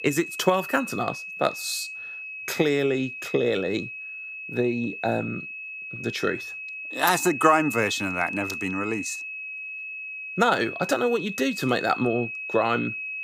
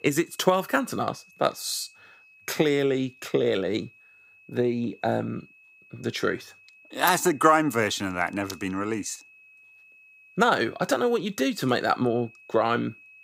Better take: second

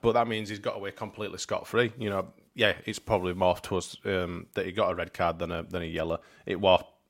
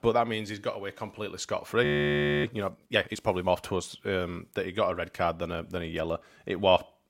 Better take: first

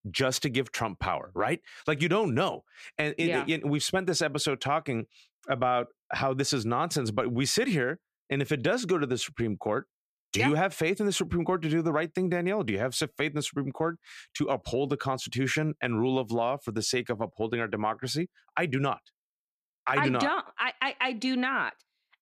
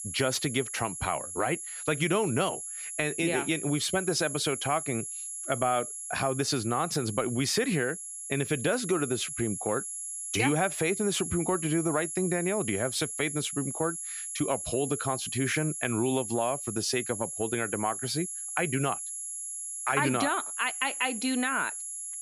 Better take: first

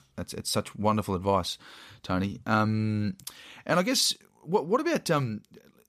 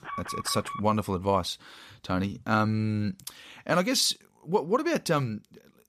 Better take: first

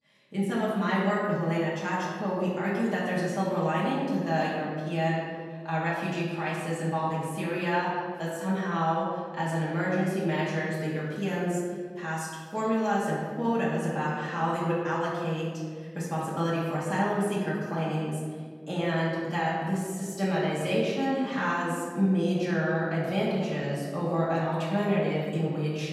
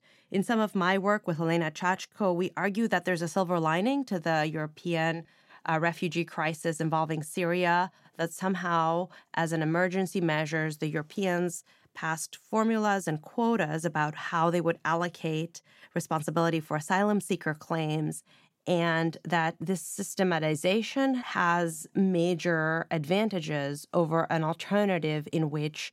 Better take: second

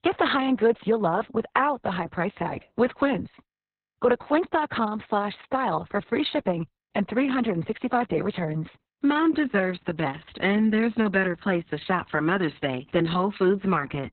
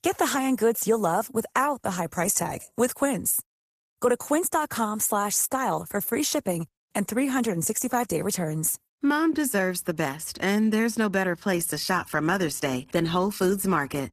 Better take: second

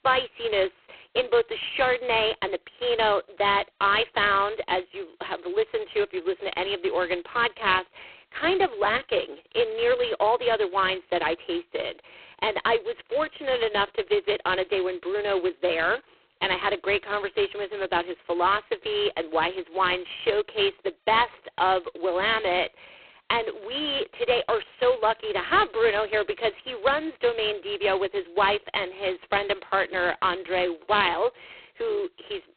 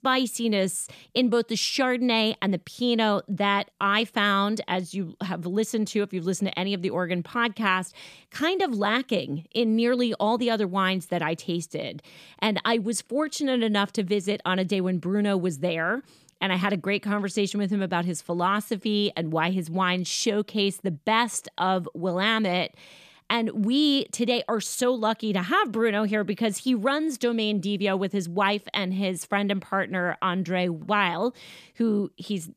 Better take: second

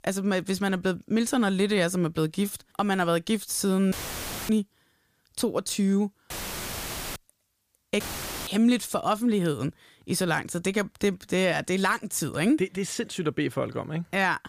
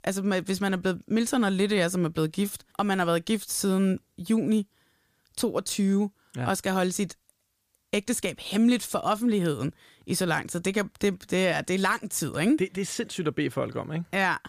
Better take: second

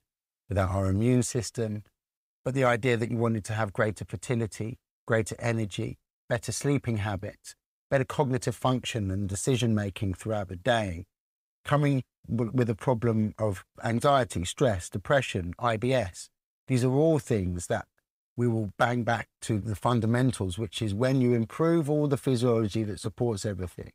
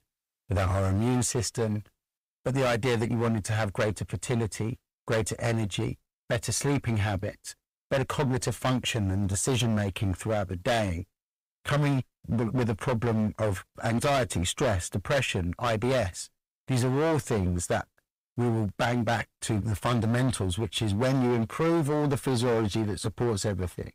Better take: first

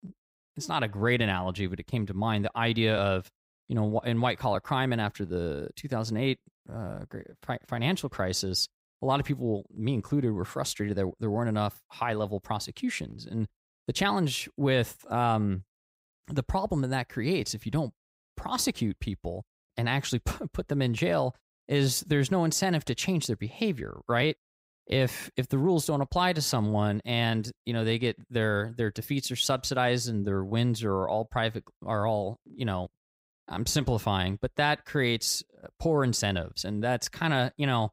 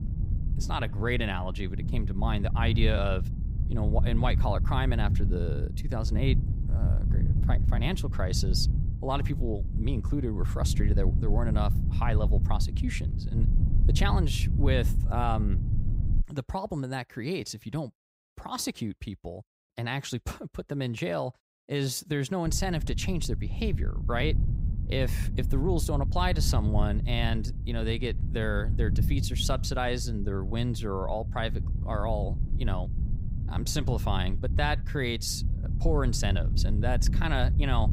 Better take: first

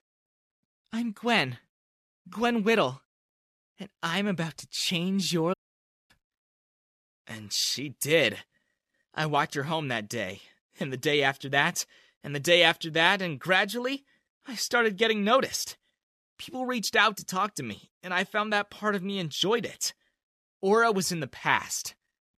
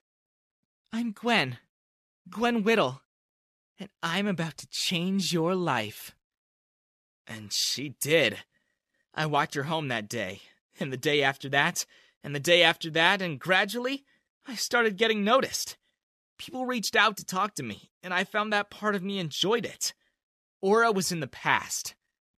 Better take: second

